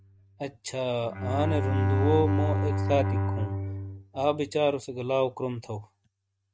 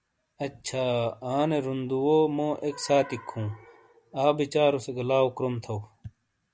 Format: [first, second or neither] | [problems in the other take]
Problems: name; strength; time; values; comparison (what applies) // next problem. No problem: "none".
second | noise reduction (neural mask model RNNoise)